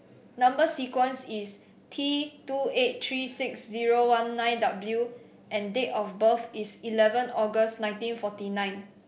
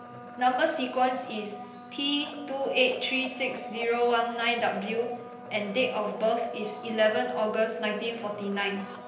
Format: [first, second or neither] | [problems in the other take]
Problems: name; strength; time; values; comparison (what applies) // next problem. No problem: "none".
first | background sound (Domestic sounds, home sounds); 12 dB below the speech // room echo; dies away in 0.9 s